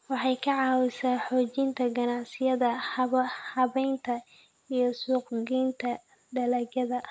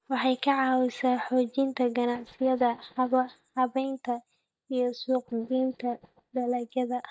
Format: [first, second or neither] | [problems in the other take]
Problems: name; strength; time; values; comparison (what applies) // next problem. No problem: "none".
first | noise reduction (neural mask model DeepFilterNet 3)